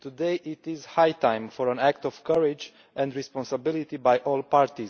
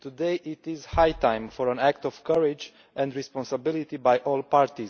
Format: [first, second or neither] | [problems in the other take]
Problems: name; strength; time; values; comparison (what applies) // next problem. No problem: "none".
first | background sound (Bass drum); 19 dB below the speech